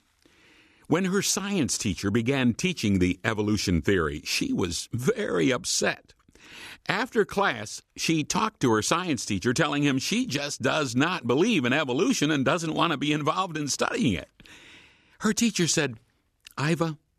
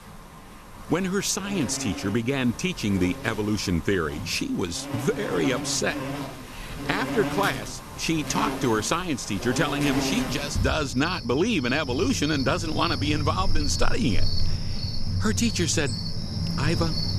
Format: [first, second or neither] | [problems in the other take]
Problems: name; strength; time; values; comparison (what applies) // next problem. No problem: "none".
first | animal sounds; loud; throughout; 5 dB below the speech